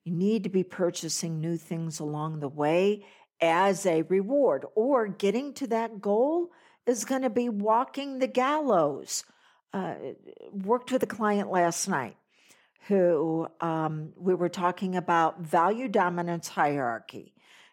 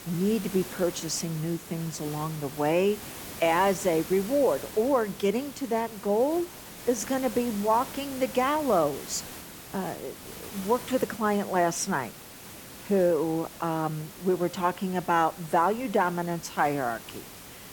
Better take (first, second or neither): first